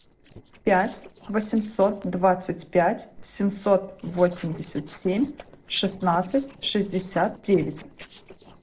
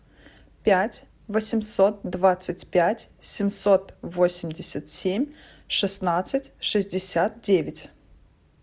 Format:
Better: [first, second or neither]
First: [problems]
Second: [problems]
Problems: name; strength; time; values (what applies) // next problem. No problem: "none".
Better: second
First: noise reduction (neural separator model SepFormer DNS4)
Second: none